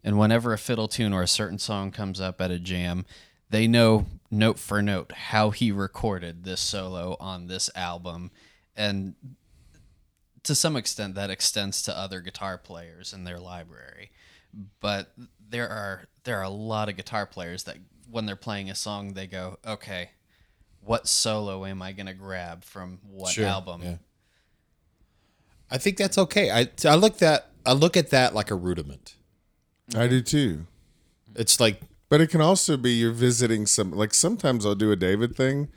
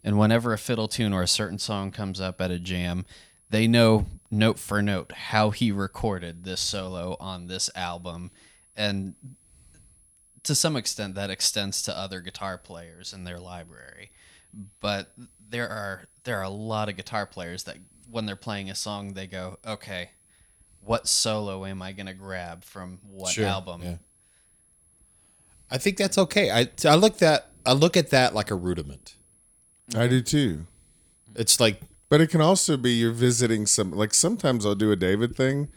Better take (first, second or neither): first